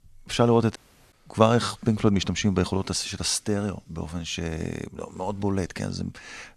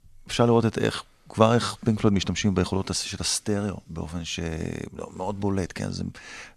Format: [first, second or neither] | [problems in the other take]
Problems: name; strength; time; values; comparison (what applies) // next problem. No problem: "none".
second | audio cutting out; at 1 s